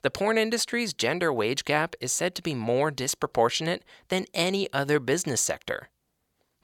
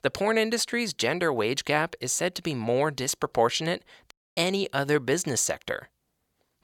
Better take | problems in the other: first | audio cutting out; at 4 s

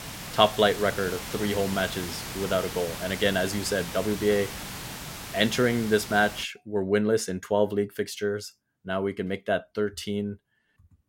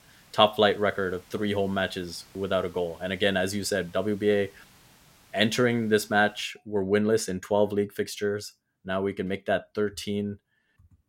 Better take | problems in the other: second | hiss; loud; until 6.5 s; 9 dB below the speech; faint in the second

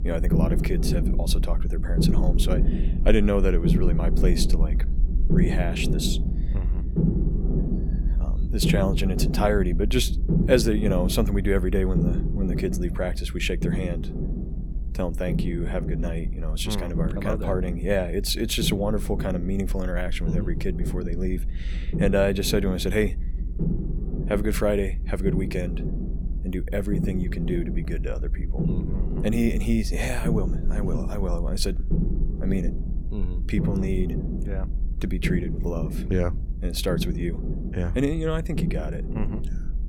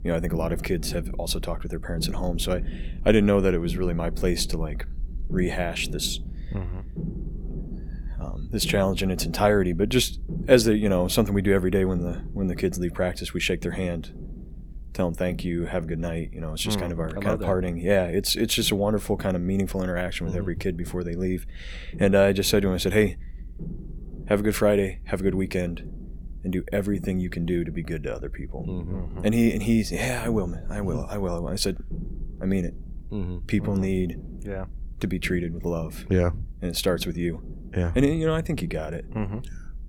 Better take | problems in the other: second | low rumble; loud; throughout; 8 dB below the speech; faint in the second

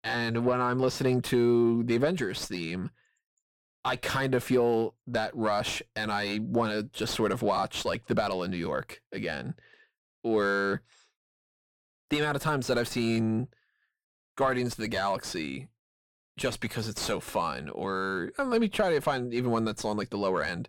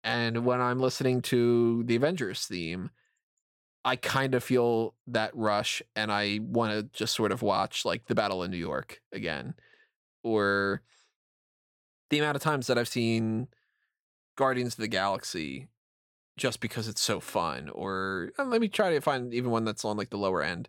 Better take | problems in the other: second | distortion; slight; 10 dB below the speech

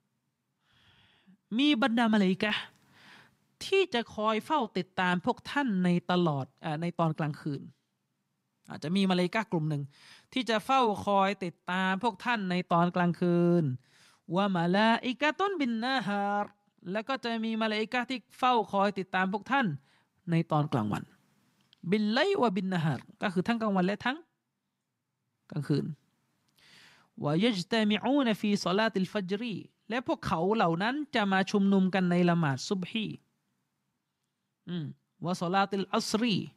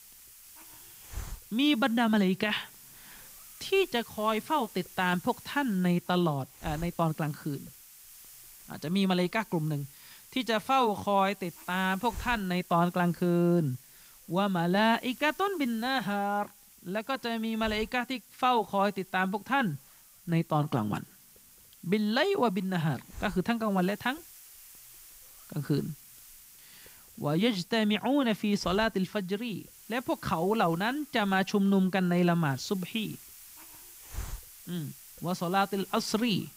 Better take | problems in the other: first | hiss; noticeable; throughout; 20 dB below the speech

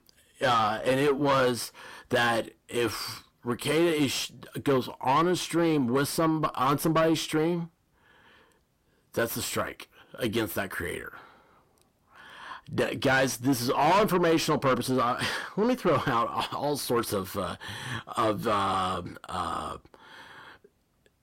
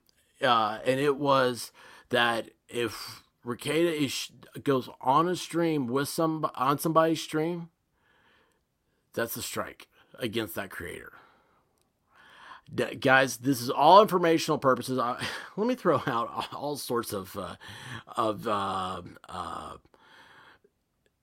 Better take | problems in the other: second | distortion; heavy; 6 dB below the speech

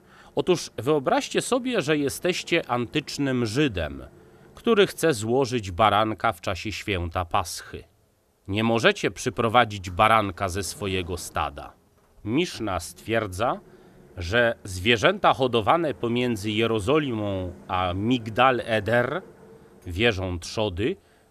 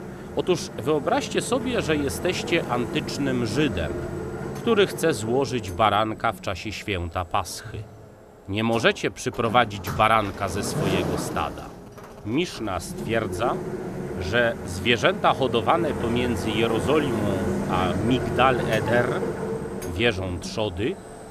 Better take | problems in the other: first | household noises; loud; throughout; 6 dB below the speech; faint in the first

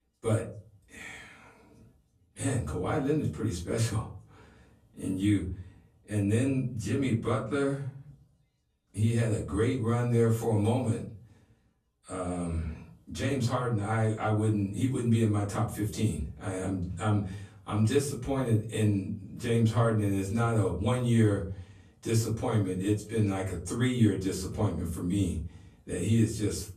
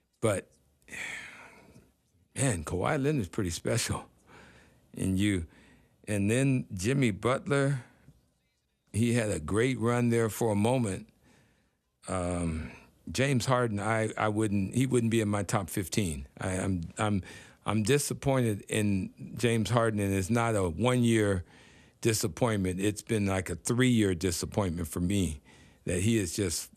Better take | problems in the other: second | off-mic speech; far // room echo; slight; dies away in 0.5 s

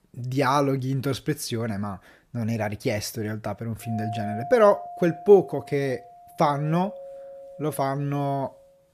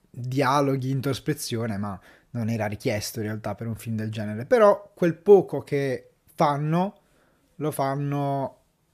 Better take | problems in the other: second | doorbell; noticeable; from 4 s on; peak 9 dB below the speech

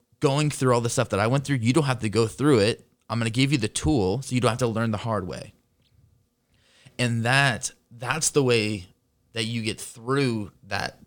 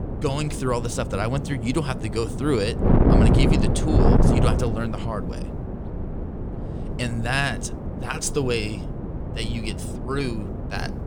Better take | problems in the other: first | wind noise on the microphone; heavy; 3 dB below the speech

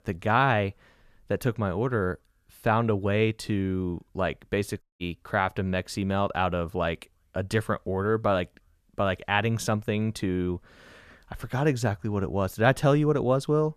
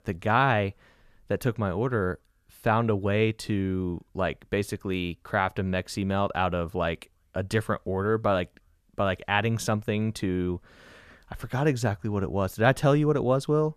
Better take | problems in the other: second | audio cutting out; at 5 s

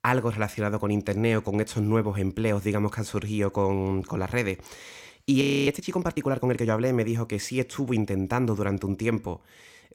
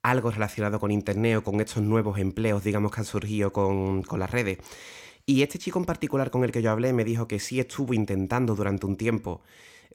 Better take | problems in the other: second | audio freezing; at 5.5 s

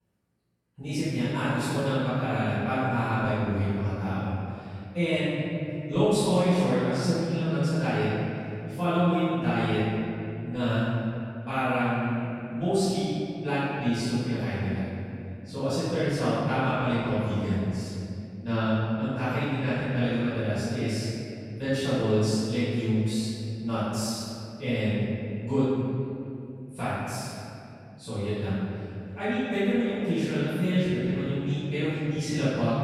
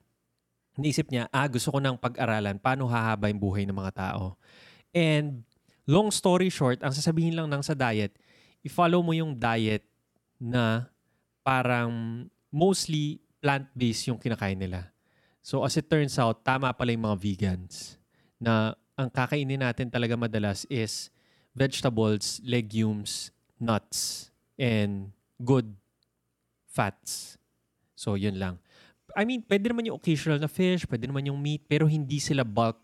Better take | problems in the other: second | room echo; strong; dies away in 2.6 s // off-mic speech; far

